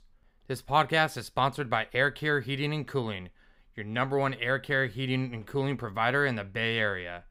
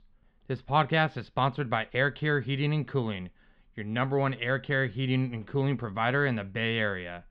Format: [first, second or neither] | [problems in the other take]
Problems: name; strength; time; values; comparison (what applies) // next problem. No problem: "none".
first | muffled; slightly; fading above 3.5 kHz